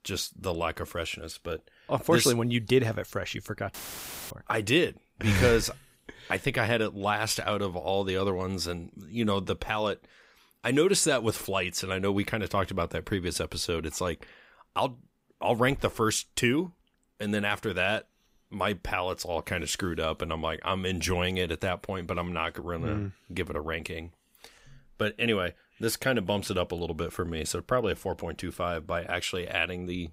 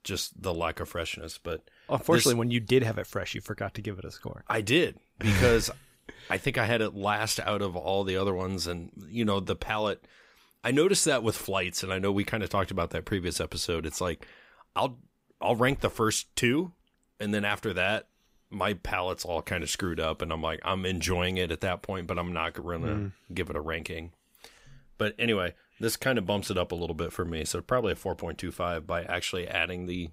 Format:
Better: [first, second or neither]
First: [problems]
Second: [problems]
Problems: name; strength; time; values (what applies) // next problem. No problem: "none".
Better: second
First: audio cutting out; filled with static; at 3.5 s for 0.5 s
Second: none